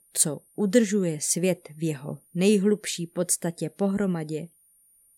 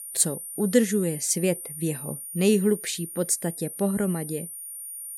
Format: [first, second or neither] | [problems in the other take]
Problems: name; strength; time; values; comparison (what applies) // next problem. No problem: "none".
first | high-pitched whine; loud; throughout; 9.5 kHz, 9 dB below the speech; faint in the first